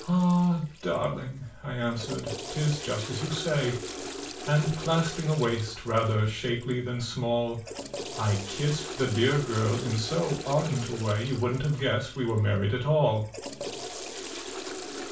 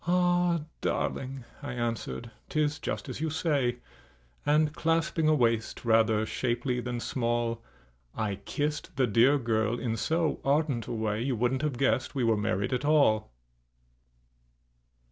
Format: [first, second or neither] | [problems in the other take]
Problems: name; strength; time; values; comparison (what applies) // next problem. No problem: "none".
second | background sound (Toilet flush / Water); 11 dB below the speech // room echo; dies away in 0.3 s